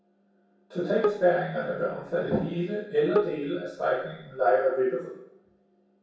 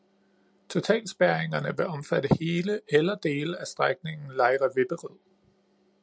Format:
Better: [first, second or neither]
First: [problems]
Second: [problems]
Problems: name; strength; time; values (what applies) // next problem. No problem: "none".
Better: second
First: background sound (Bowed string instrument); 6 dB below the speech // room echo; dies away in 0.7 s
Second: none